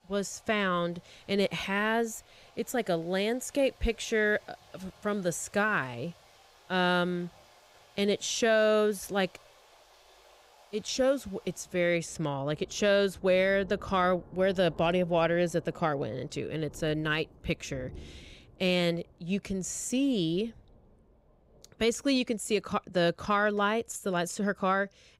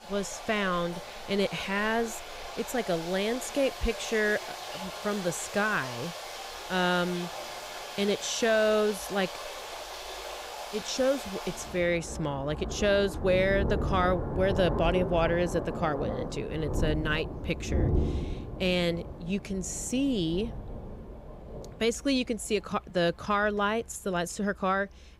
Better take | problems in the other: first | rain or running water; loud; throughout; 7 dB below the speech; faint in the first

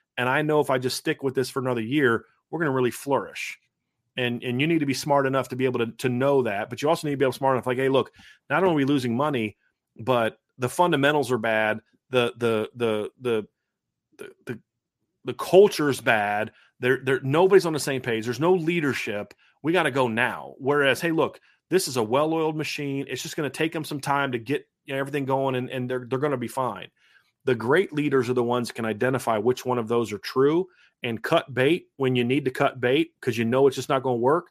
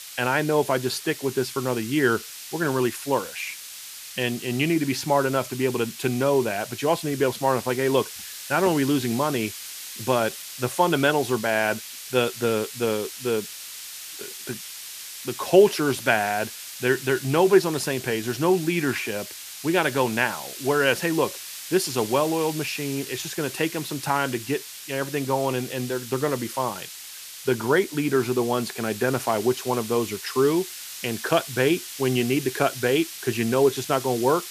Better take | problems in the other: first | hiss; noticeable; throughout; 10 dB below the speech

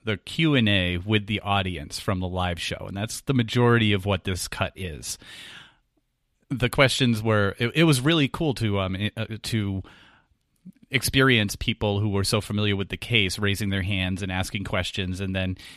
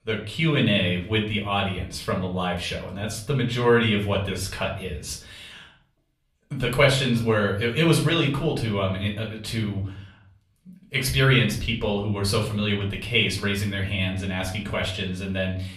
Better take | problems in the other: first | room echo; slight; dies away in 0.4 s // off-mic speech; far

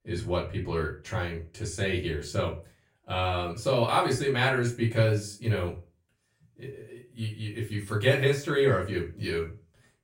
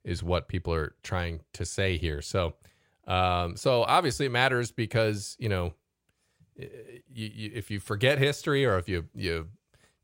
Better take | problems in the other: second | room echo; slight; dies away in 0.3 s // off-mic speech; far

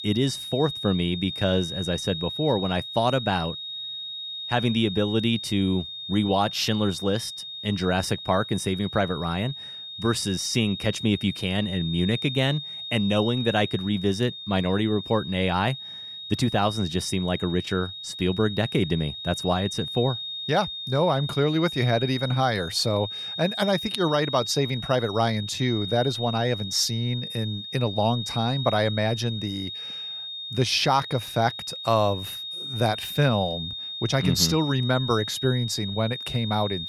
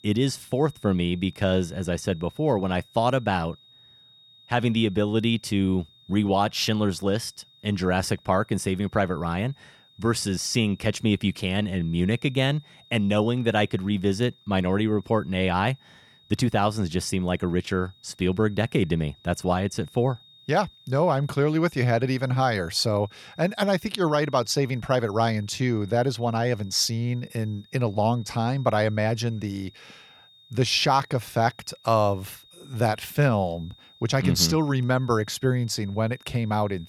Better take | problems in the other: second | high-pitched whine; loud; throughout; 3.5 kHz, 7 dB below the speech; faint in the second

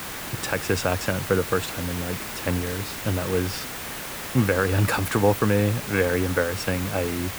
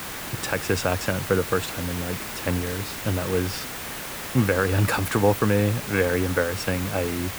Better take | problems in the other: neither | hiss; loud; throughout; 7 dB below the speech; the same in both

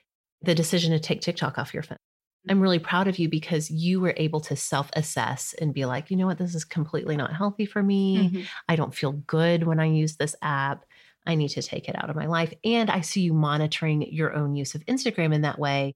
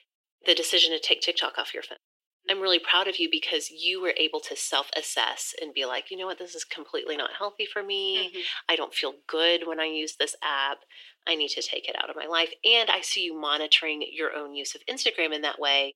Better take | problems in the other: first | thin; very; fading below 300 Hz

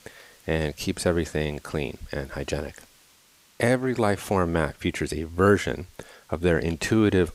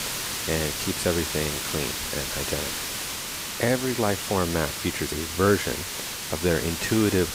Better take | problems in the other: first | hiss; loud; throughout; 2 dB below the speech; faint in the first

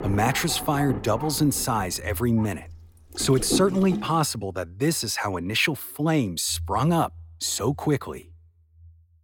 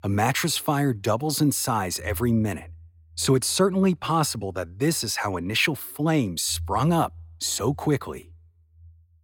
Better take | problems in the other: second | rain or running water; loud; until 4 s; 10 dB below the speech

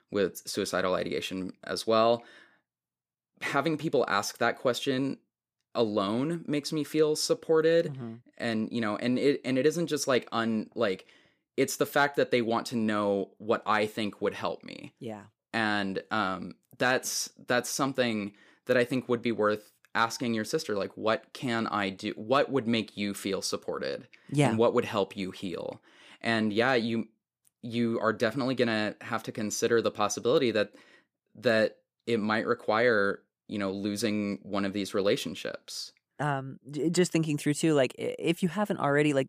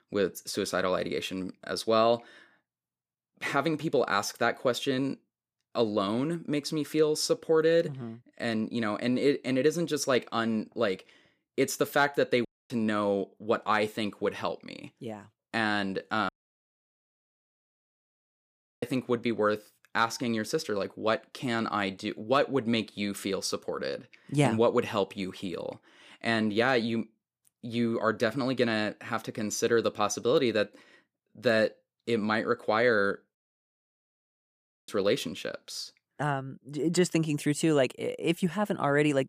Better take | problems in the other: first | audio cutting out; at 12 s, at 16 s for 2.5 s and at 33 s for 1.5 s

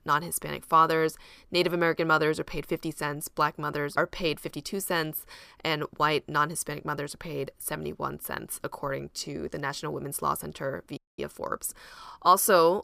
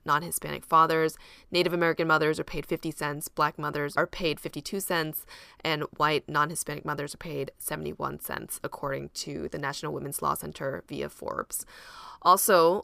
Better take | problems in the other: second | audio freezing; at 11 s

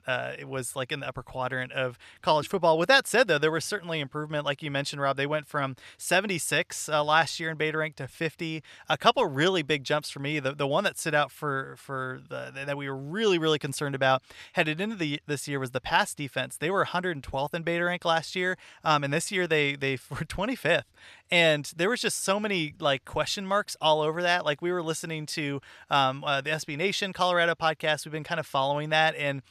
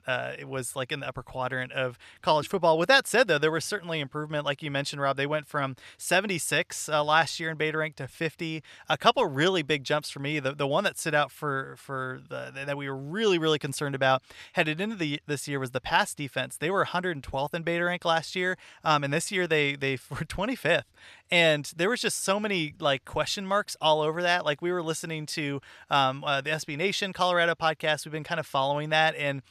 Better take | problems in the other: neither | none

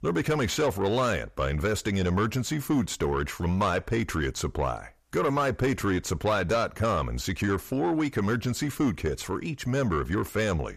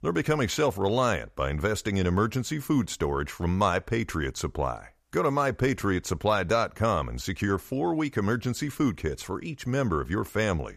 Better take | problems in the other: second | distortion; slight; 10 dB below the speech

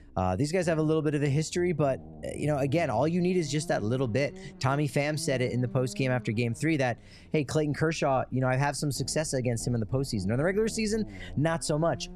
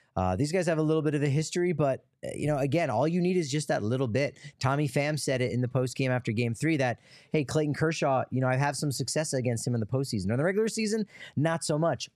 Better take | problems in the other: second | low rumble; faint; throughout; 20 dB below the speech

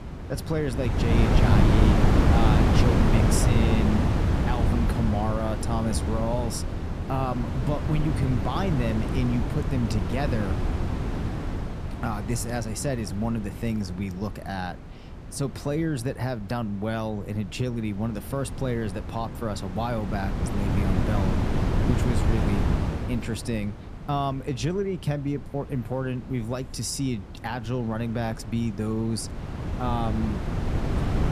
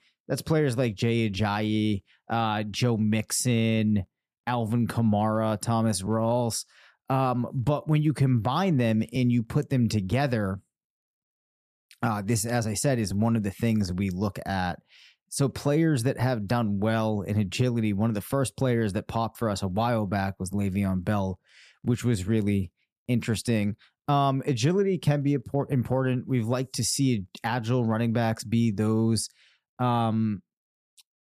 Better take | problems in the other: second | wind noise on the microphone; heavy; as loud as the speech

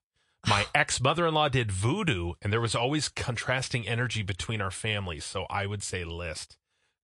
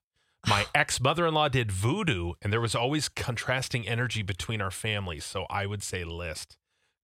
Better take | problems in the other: second | garbled, watery; slightly; nothing above 9 kHz

